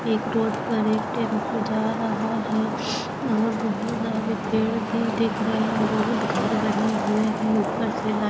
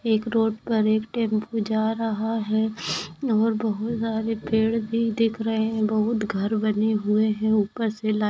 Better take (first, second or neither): second